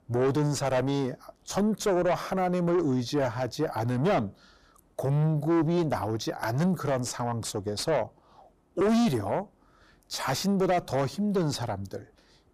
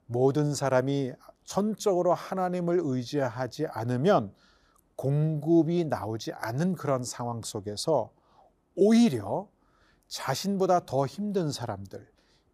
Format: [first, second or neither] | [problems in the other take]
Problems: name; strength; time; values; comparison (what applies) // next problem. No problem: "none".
second | distortion; heavy; 6 dB below the speech